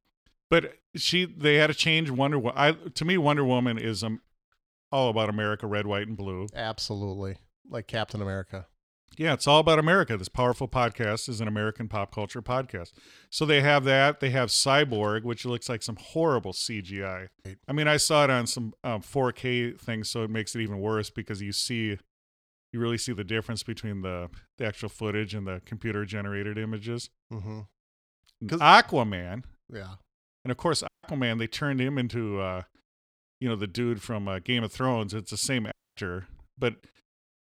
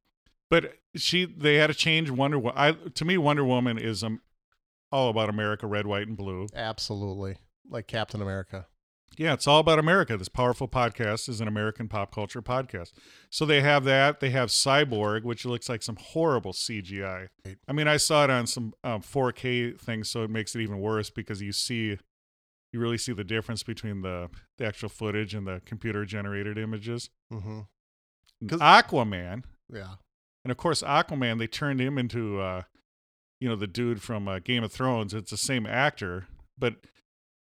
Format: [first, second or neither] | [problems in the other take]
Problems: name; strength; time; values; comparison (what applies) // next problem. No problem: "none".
second | audio cutting out; at 31 s and at 36 s